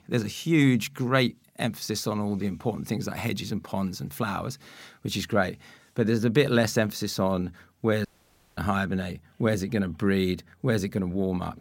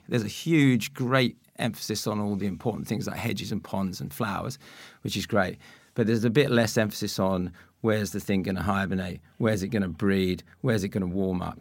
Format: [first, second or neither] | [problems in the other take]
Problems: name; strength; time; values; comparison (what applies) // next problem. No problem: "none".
second | audio cutting out; at 8 s for 0.5 s